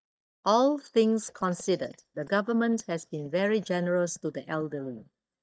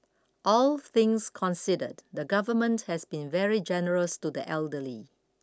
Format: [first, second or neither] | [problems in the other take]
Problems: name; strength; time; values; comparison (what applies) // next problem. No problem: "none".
second | noise reduction (neural mask model DeepFilterNet 3)